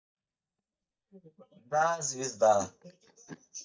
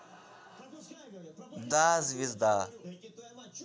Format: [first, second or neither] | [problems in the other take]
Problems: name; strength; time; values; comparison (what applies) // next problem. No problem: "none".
second | noise reduction (neural mask model DeepFilterNet 3)